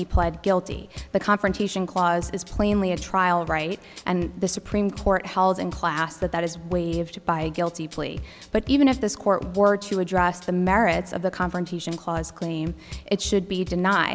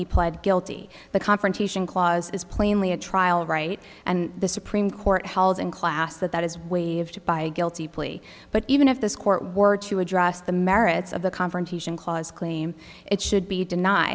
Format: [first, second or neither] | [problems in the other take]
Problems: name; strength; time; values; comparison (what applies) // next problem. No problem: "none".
second | background sound (Bass drum / Drum kit); 16 dB below the speech